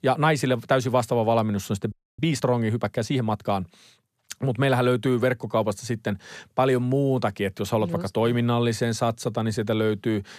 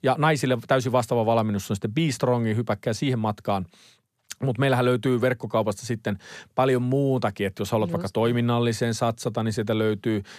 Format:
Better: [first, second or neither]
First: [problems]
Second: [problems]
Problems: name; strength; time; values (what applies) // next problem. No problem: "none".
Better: second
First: audio freezing; at 2 s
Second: none